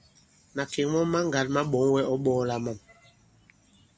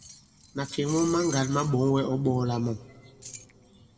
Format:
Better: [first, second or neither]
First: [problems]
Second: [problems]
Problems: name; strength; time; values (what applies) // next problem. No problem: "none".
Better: first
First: none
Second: background sound (Keys jangling); 17 dB below the speech // room echo; dies away in 1.7 s